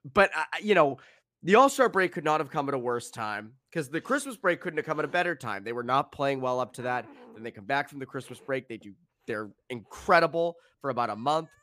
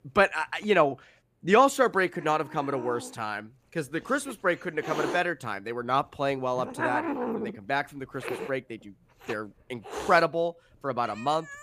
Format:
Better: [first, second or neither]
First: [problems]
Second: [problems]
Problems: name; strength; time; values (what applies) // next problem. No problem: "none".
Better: first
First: hiss; faint; throughout; 30 dB below the speech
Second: hiss; loud; throughout; 9 dB below the speech